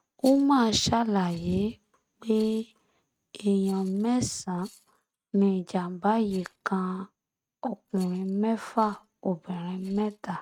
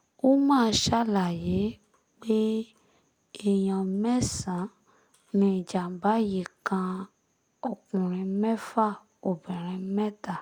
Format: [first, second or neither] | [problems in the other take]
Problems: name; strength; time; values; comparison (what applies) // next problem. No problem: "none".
second | noise reduction (neural mask model RNNoise)